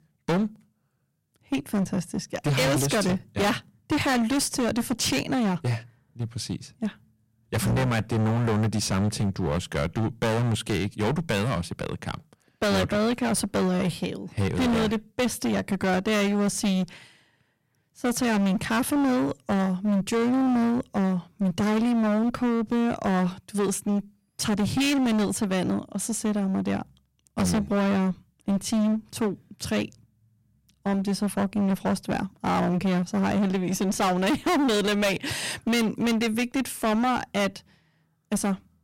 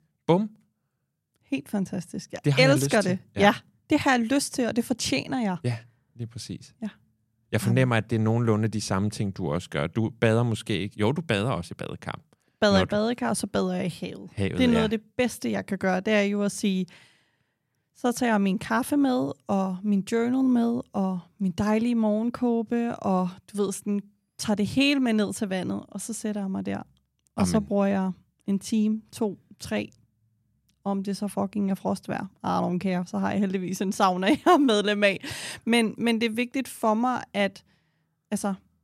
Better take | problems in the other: second | distortion; heavy; 22% of the sound clipped

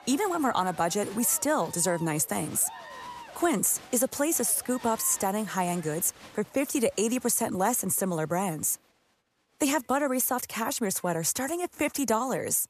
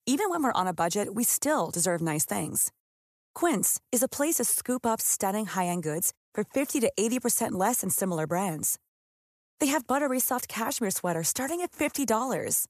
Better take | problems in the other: second | crowd noise; noticeable; throughout; 20 dB below the speech

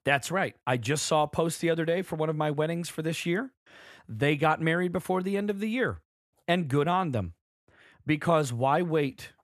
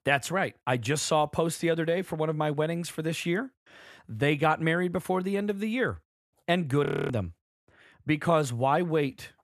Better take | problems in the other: first | audio freezing; at 7 s

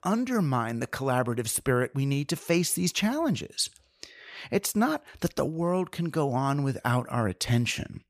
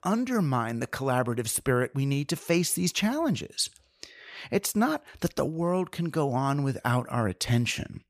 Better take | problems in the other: neither | none

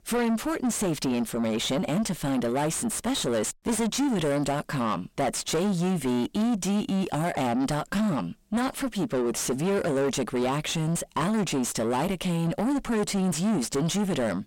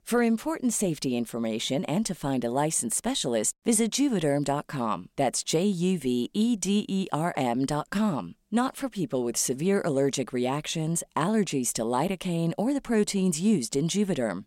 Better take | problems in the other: second | distortion; heavy; 5 dB below the speech

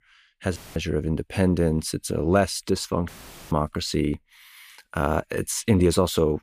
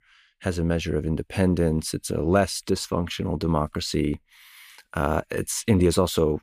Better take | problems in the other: second | audio cutting out; filled with static; at 0.5 s and at 3 s

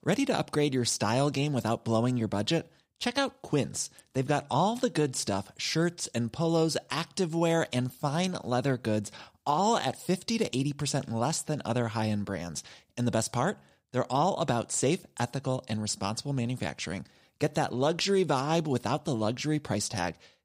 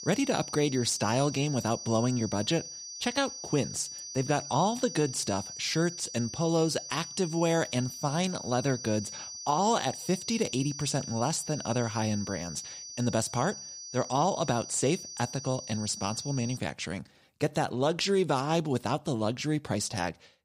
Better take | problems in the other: first | high-pitched whine; loud; until 17 s; 6 kHz, 9 dB below the speech

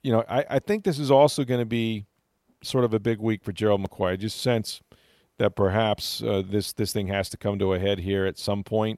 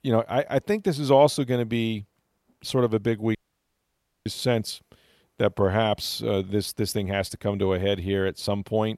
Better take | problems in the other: first | audio cutting out; at 3.5 s for 1 s

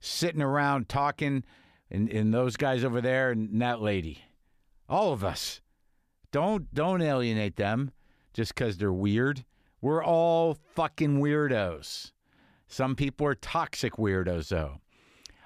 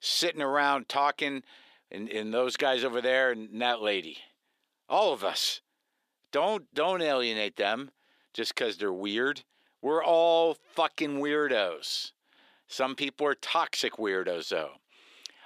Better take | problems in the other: first | thin; somewhat; fading below 350 Hz

